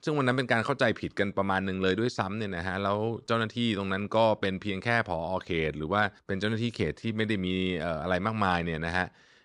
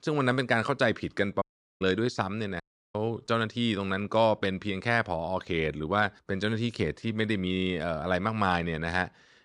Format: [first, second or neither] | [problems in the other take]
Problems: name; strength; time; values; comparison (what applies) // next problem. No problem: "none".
first | audio cutting out; at 1.5 s and at 2.5 s